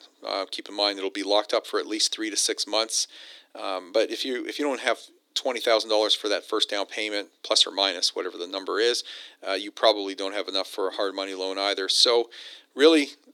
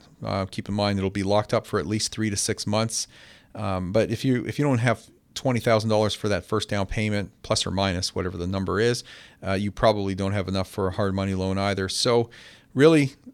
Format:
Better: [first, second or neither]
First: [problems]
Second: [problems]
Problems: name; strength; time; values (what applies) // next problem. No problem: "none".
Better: second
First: thin; somewhat; fading below 300 Hz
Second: none